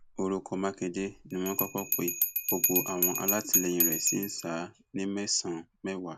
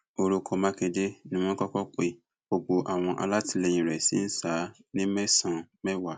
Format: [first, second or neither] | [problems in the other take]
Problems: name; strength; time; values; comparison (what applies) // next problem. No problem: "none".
second | background sound (Bell); as loud as the speech